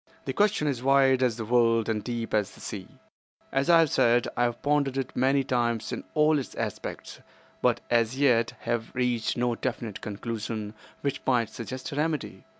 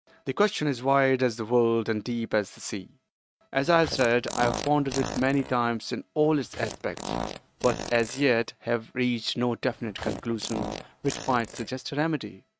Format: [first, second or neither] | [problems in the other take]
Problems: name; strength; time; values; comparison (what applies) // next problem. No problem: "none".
first | noise reduction (neural mask model RNNoise)